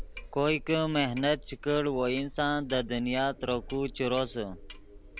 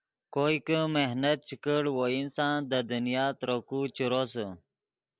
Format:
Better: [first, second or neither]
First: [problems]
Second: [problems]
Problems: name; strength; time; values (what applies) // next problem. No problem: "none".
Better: second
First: background sound (Clock); 14 dB below the speech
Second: none